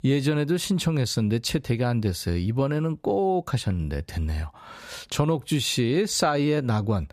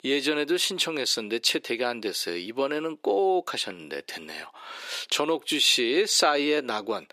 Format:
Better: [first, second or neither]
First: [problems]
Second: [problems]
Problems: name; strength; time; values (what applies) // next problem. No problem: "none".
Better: first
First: none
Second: thin; somewhat; fading below 350 Hz